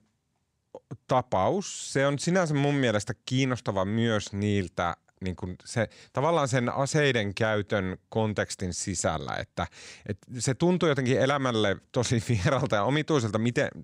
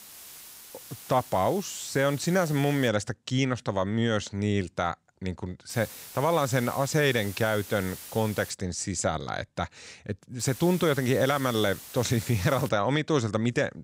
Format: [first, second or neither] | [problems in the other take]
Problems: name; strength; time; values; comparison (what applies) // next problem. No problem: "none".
first | hiss; noticeable; until 3 s, from 5.5 to 8.5 s and from 10 to 13 s; 15 dB below the speech